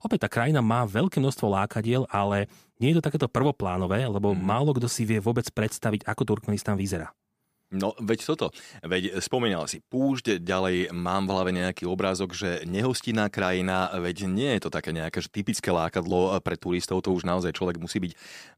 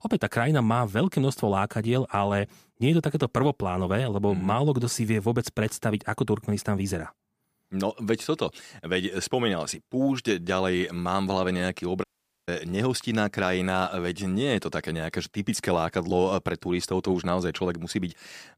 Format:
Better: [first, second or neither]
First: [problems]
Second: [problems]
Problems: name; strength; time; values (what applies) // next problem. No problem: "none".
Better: first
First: none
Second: audio cutting out; at 12 s